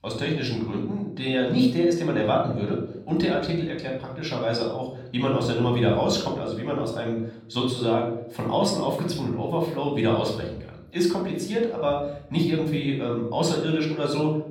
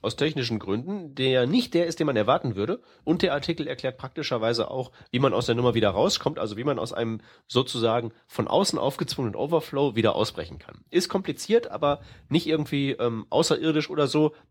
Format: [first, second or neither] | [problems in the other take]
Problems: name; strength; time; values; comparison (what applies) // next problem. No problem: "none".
second | off-mic speech; somewhat distant // room echo; noticeable; dies away in 0.7 s